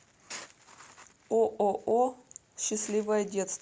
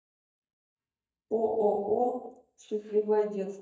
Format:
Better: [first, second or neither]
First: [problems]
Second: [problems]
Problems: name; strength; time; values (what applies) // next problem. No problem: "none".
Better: first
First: none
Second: noise reduction (neural mask model DeepFilterNet 3)